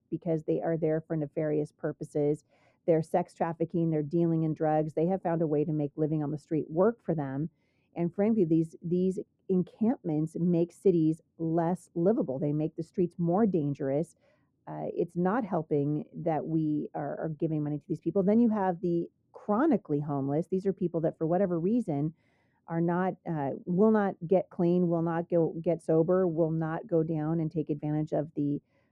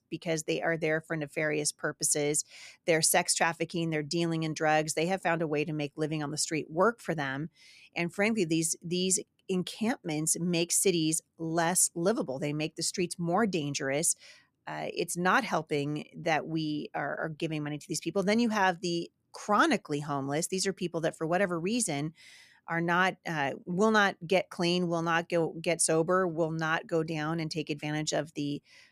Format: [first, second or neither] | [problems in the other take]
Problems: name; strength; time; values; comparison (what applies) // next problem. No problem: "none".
second | muffled; very; fading above 1.5 kHz